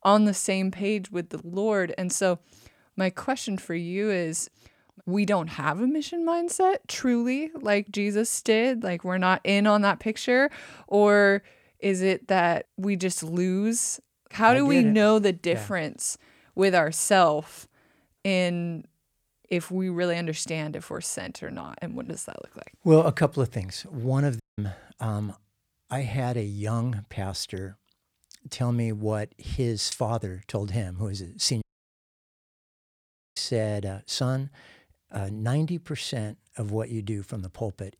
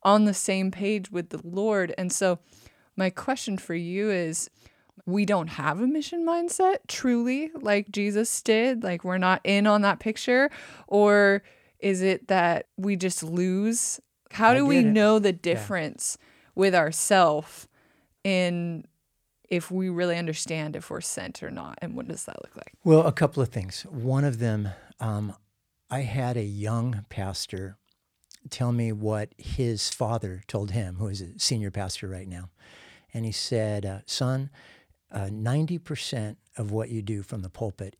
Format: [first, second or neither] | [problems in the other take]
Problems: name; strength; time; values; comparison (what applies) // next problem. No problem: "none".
second | audio cutting out; at 24 s and at 32 s for 1.5 s